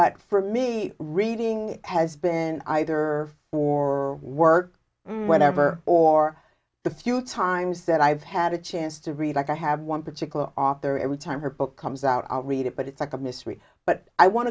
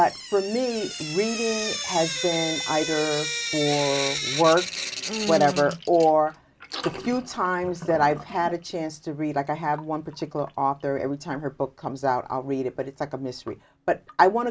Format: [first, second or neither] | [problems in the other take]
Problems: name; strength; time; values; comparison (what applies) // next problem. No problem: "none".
first | background sound (Drip / Sink (filling or washing)); 9 dB below the speech